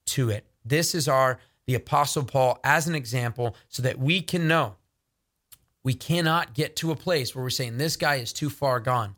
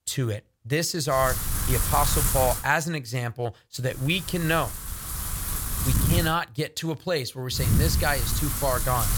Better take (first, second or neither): first